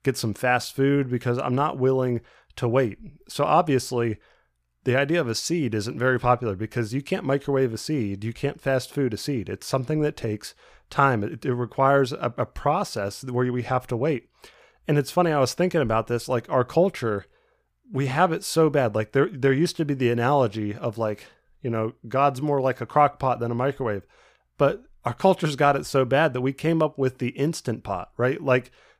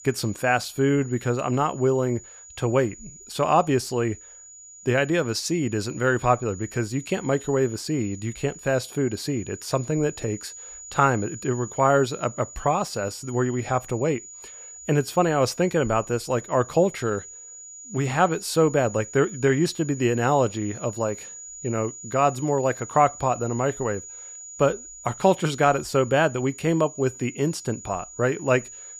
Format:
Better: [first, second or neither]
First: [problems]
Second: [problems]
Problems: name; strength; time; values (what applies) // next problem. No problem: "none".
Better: first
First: none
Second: high-pitched whine; noticeable; throughout; 7 kHz, 15 dB below the speech